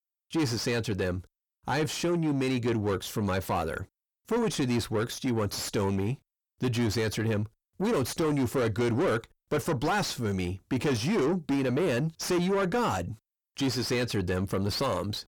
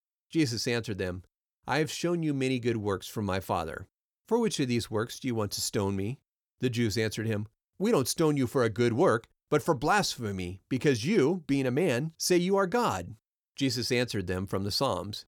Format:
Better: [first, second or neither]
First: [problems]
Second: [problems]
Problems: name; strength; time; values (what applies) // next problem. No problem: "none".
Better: second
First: distortion; heavy; 7 dB below the speech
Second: none